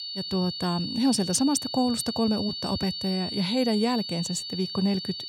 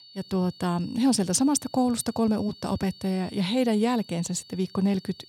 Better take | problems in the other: second | high-pitched whine; loud; throughout; 4.5 kHz, 6 dB below the speech; faint in the second

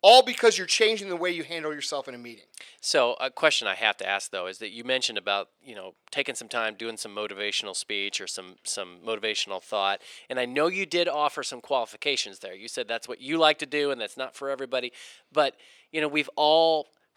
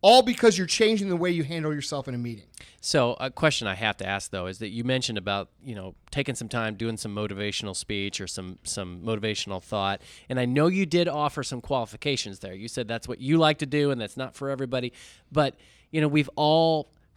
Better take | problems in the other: second | thin; somewhat; fading below 500 Hz

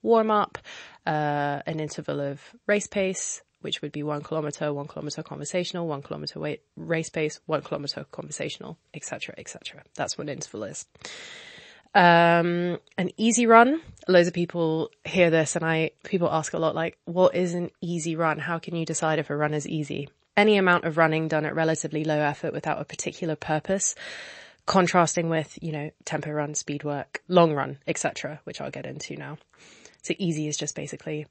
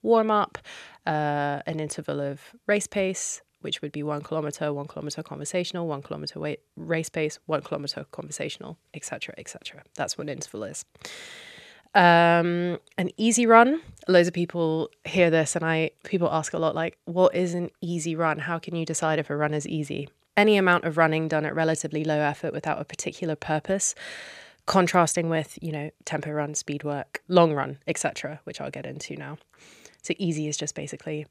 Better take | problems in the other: second | garbled, watery; slightly; nothing above 8 kHz

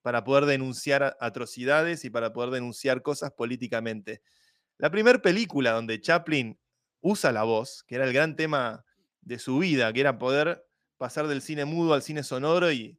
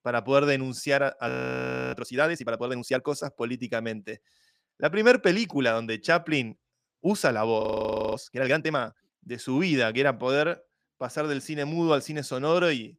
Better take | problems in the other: first | audio freezing; at 1.5 s for 0.5 s and at 7.5 s for 0.5 s

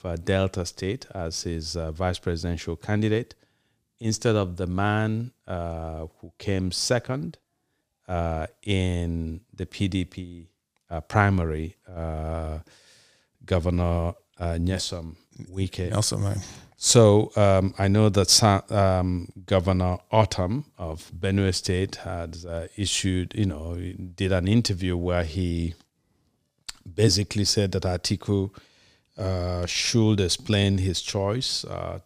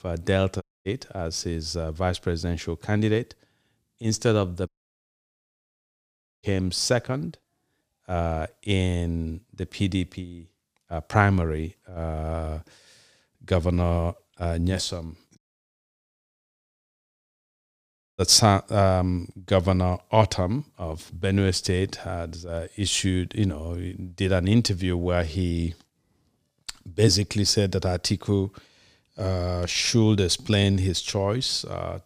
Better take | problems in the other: first | audio cutting out; at 0.5 s, at 4.5 s for 2 s and at 15 s for 3 s

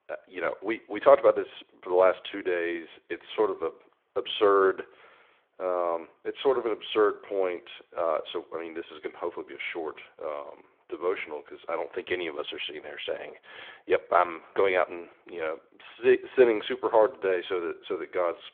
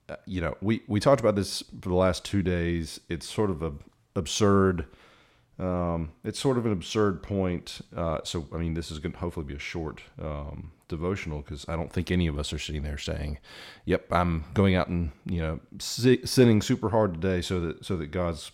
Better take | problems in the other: second | phone-call audio; nothing above 3.5 kHz

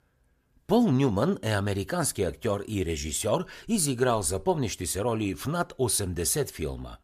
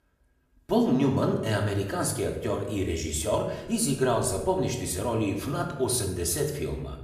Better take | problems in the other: first | room echo; slight; dies away in 0.8 s // off-mic speech; somewhat distant

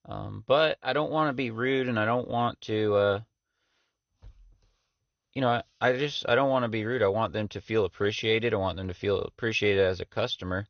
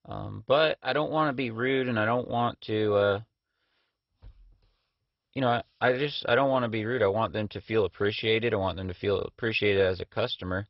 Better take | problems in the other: first | garbled, watery; badly; nothing above 5.5 kHz; slightly in the first

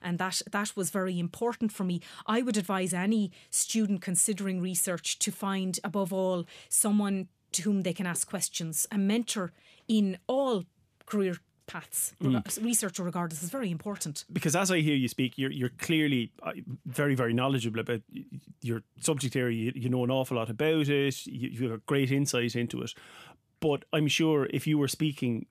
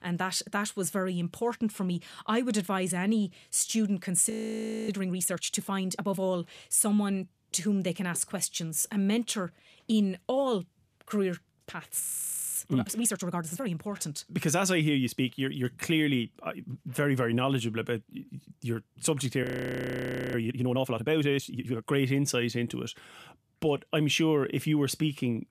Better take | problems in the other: first | audio freezing; at 4.5 s for 0.5 s, at 12 s for 0.5 s and at 19 s for 1 s

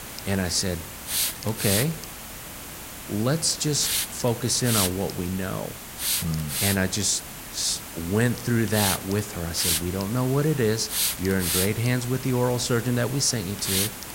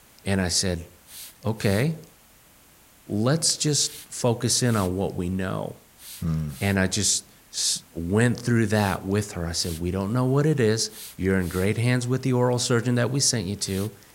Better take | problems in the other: second | hiss; loud; throughout; 3 dB below the speech; faint in the second

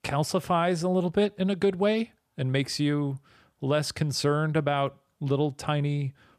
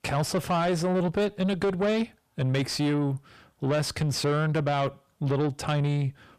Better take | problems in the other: first | distortion; slight; 10 dB below the speech

